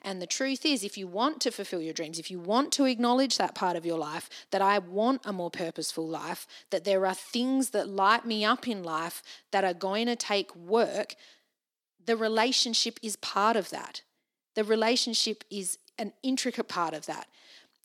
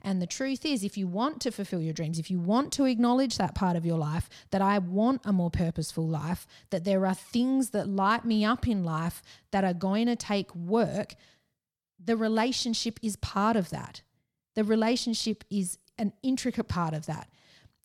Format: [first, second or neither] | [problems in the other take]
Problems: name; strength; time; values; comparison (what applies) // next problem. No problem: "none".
second | thin; very slightly; fading below 300 Hz